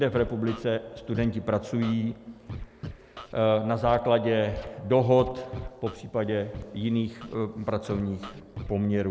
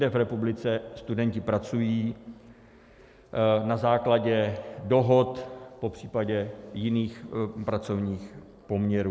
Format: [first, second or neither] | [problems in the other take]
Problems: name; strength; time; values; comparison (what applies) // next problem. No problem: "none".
second | background sound (Scratching (performance technique)); 15 dB below the speech